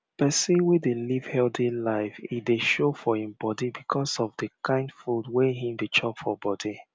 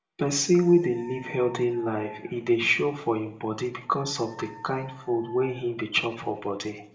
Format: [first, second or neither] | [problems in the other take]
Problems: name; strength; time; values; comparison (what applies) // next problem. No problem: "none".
first | background sound (Dog); 20 dB below the speech // room echo; dies away in 0.5 s